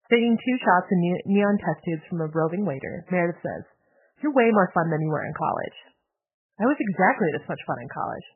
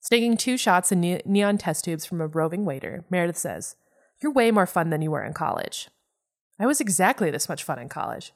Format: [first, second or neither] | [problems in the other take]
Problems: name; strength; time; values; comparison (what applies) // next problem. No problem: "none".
second | garbled, watery; badly; nothing above 3 kHz